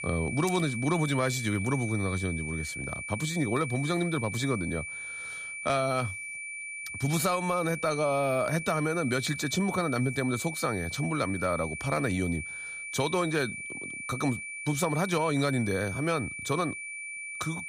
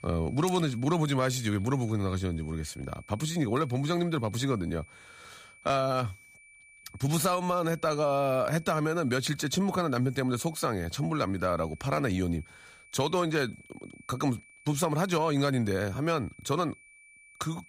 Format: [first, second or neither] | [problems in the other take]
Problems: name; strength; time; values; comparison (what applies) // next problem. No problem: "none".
second | high-pitched whine; loud; throughout; 2.5 kHz, 6 dB below the speech; faint in the second